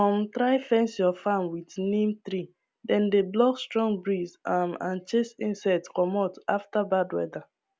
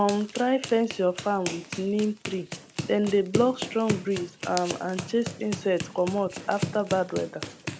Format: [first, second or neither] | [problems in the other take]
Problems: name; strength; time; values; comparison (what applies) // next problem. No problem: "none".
first | background sound (Run); 9 dB below the speech